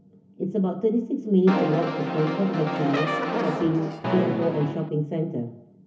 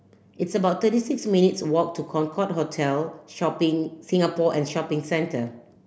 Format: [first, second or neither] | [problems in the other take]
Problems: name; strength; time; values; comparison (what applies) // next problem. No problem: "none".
second | background sound (Brass instrument); 2 dB below the speech // room echo; dies away in 0.3 s